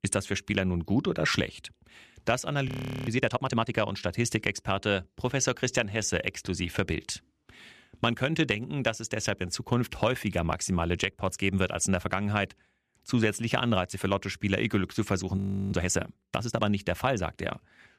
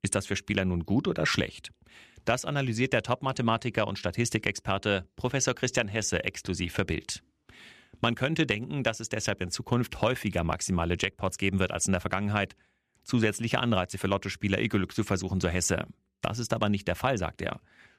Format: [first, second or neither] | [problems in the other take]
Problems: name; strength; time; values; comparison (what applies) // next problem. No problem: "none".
second | audio freezing; at 2.5 s and at 15 s